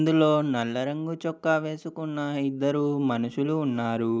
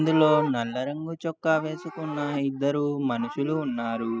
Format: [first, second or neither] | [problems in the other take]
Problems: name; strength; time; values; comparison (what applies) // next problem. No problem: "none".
first | noise reduction (classical method spectral subtraction)